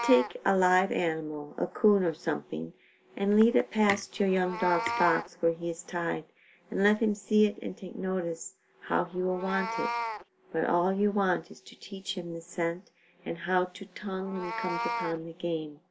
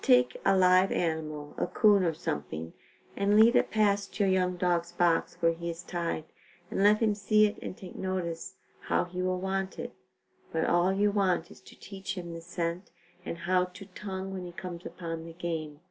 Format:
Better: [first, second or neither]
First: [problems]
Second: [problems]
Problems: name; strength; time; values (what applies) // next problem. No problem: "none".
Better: second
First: background sound (Meow + Tick); 11 dB below the speech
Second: none